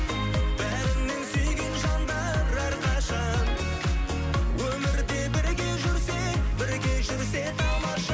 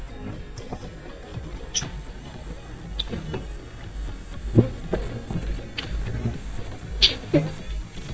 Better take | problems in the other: first | noise reduction (neural mask model DeepFilterNet 3)

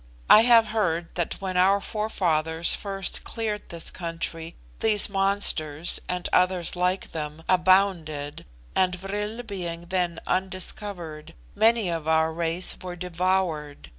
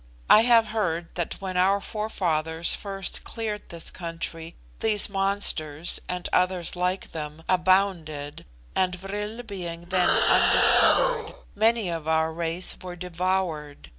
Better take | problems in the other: first | background sound (Animal); 3 dB above the speech

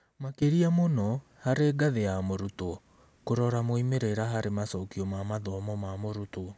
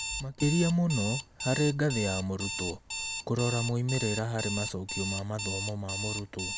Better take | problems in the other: first | background sound (Alarm); 6 dB below the speech

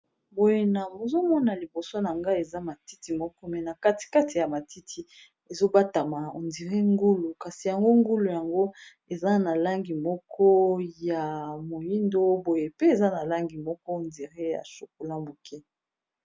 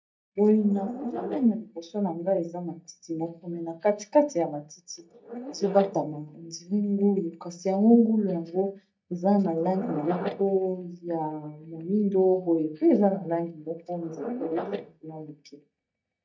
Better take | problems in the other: first | noise reduction (neural mask model DeepFilterNet 3)

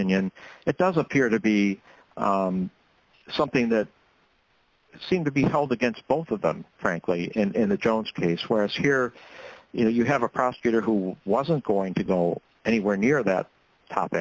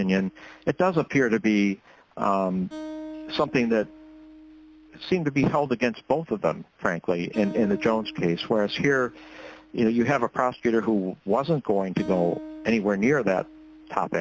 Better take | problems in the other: first | background sound (Acoustic guitar); 18 dB below the speech

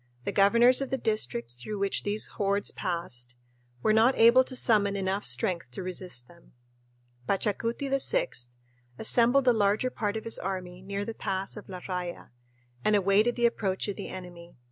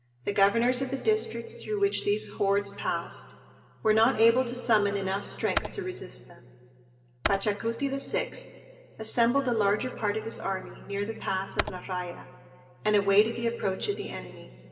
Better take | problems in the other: first | background sound (Computer keyboard); 9 dB below the speech // room echo; dies away in 2 s

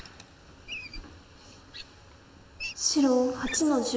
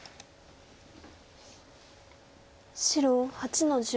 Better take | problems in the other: second | background sound (Wild animals); 14 dB below the speech // room echo; dies away in 3 s

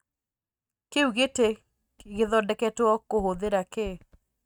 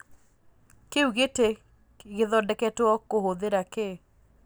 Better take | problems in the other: second | noise reduction (neural mask model RNNoise)

